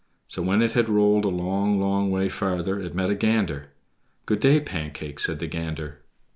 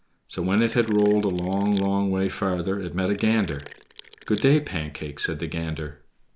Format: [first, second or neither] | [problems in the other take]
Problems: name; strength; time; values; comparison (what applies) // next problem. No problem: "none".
first | background sound (Sink (filling or washing)); 20 dB below the speech